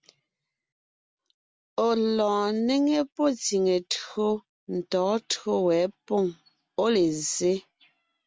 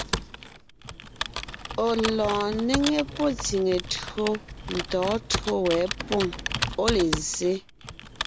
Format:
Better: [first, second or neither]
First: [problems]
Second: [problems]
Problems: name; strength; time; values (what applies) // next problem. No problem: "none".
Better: first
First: none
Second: background sound (Computer keyboard); 6 dB below the speech